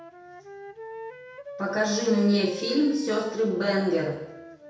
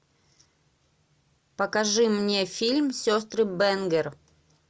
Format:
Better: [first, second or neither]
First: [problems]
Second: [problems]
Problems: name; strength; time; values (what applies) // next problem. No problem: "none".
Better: second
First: background sound (Wind instrument, woodwind instrument); 14 dB below the speech // room echo; dies away in 0.8 s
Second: none